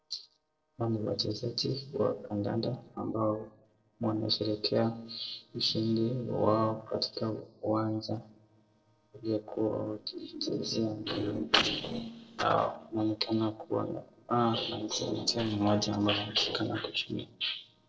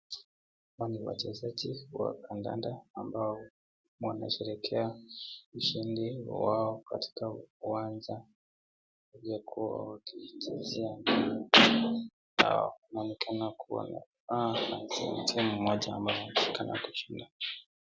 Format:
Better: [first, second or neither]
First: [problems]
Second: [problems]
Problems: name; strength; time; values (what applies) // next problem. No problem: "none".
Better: second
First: noise reduction (neural separator model SepFormer DNS4)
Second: none